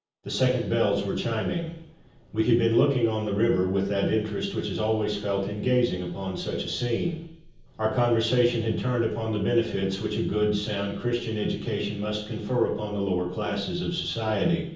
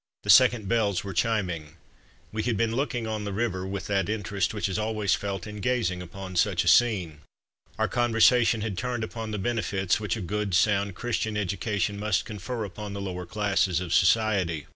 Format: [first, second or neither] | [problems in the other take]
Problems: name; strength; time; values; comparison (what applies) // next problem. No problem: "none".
second | room echo; dies away in 0.7 s